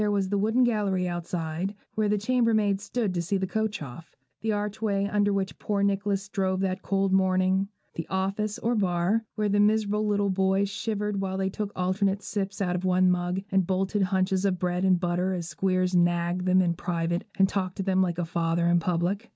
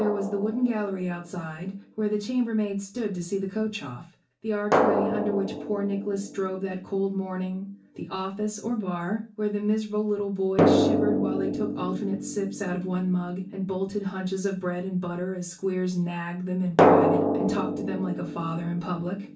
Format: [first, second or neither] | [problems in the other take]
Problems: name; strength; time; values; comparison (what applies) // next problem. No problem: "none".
first | background sound (Drum); 1 dB below the speech // room echo; dies away in 0.3 s